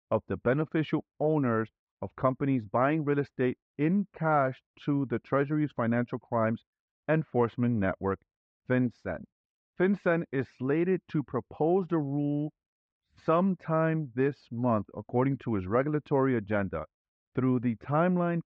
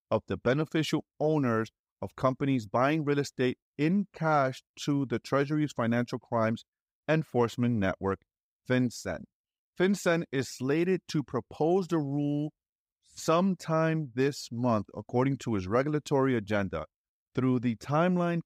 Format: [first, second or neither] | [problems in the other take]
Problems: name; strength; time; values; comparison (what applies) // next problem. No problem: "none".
second | muffled; very; fading above 2 kHz